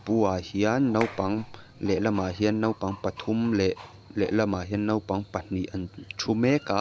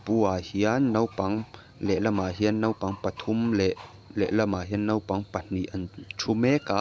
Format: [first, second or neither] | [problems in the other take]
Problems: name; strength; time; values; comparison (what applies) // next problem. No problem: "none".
second | background sound (Clapping); 14 dB below the speech